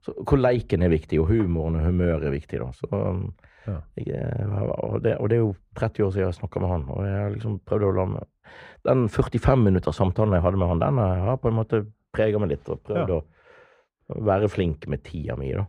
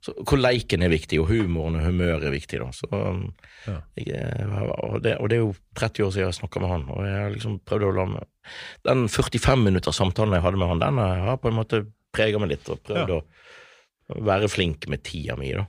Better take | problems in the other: second | muffled; very; fading above 2 kHz

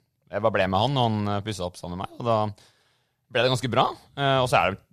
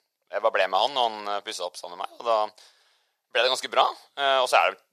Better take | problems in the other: first | thin; very; fading below 500 Hz

